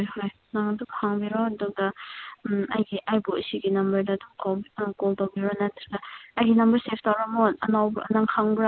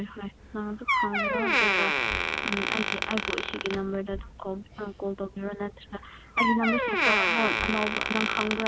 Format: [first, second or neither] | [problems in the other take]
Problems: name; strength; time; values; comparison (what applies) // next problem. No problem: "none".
first | background sound (Door); 3 dB above the speech